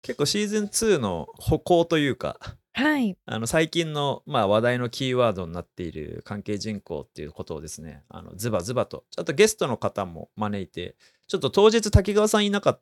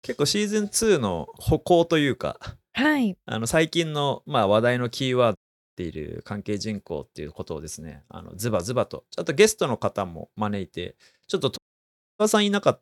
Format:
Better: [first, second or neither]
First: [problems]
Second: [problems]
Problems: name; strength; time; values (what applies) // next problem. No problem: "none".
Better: first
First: none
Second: audio cutting out; at 5.5 s and at 12 s for 0.5 s